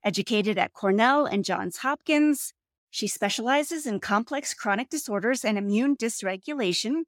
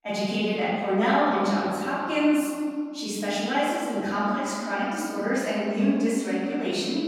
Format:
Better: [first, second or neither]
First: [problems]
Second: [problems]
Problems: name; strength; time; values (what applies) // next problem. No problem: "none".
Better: first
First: none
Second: off-mic speech; far // room echo; strong; dies away in 2.1 s